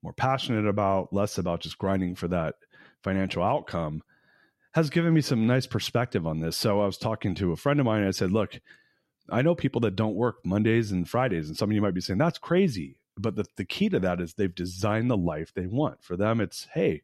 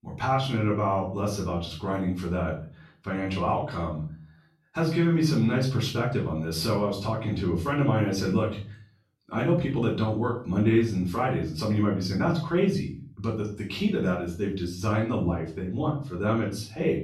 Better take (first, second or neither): first